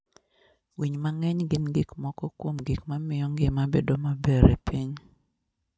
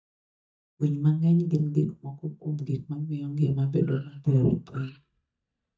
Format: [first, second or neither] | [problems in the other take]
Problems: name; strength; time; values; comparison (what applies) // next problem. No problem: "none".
first | noise reduction (neural mask model DeepFilterNet 3)